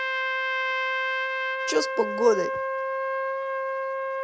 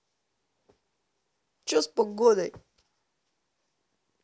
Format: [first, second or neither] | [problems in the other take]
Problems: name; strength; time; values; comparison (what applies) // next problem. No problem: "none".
second | background sound (Trumpet); 3 dB above the speech